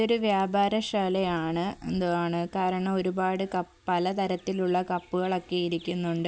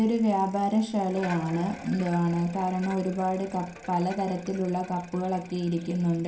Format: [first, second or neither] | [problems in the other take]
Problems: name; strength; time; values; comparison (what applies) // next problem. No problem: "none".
first | background sound (Bicycle); 18 dB below the speech // room echo; dies away in 0.5 s